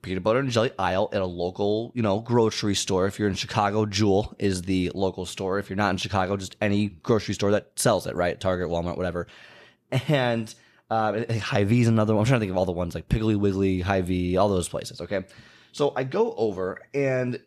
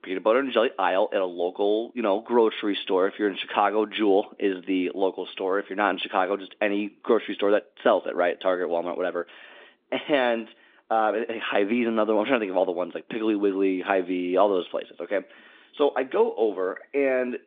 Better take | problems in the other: first | phone-call audio; nothing above 3.5 kHz

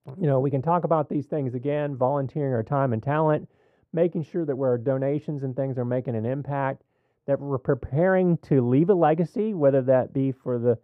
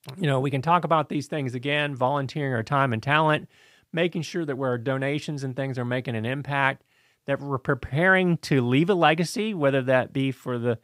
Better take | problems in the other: second | muffled; very; fading above 1.5 kHz

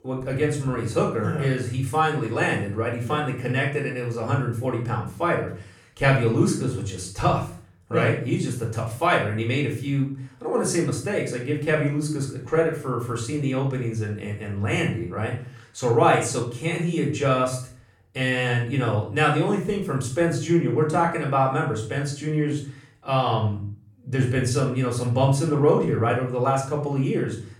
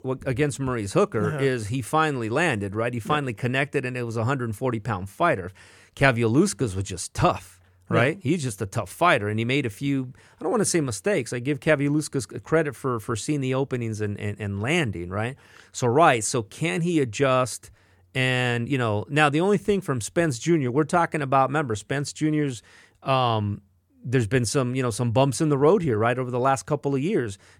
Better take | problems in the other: second | off-mic speech; far // room echo; slight; dies away in 0.4 s

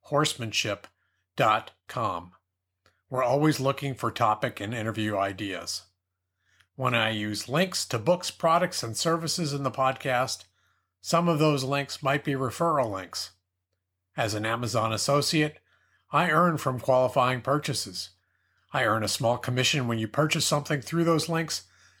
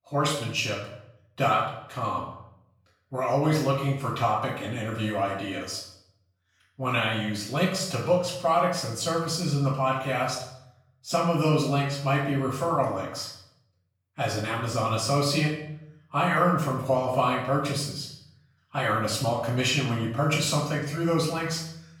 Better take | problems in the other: first | off-mic speech; far // room echo; noticeable; dies away in 0.6 s

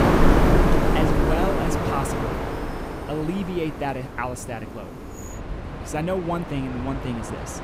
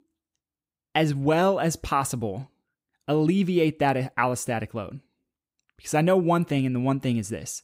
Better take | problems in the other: second | train or aircraft noise; very loud; throughout; 4 dB above the speech

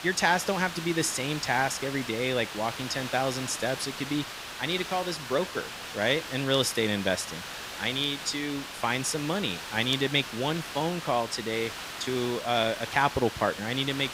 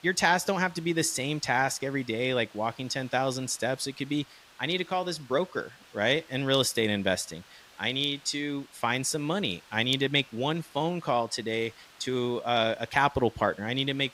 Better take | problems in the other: second | hiss; loud; throughout; 8 dB below the speech; faint in the second

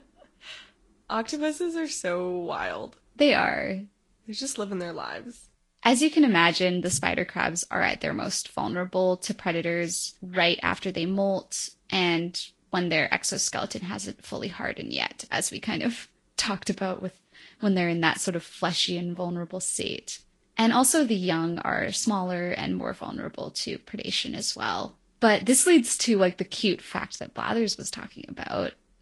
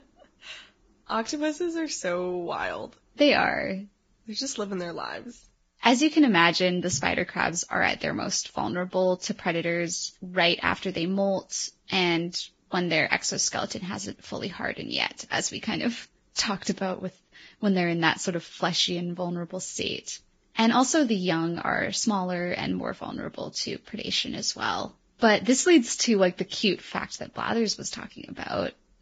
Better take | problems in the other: first | garbled, watery; badly; nothing above 7.5 kHz; slightly in the first

